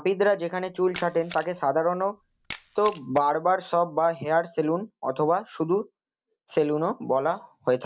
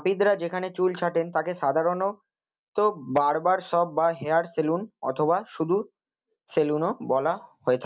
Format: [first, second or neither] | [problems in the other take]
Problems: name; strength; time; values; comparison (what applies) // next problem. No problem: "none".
second | background sound (Camera); 20 dB below the speech